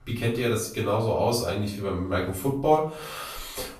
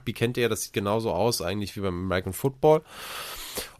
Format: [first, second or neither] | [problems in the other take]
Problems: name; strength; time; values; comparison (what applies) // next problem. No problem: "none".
second | off-mic speech; far // room echo; slight; dies away in 0.4 s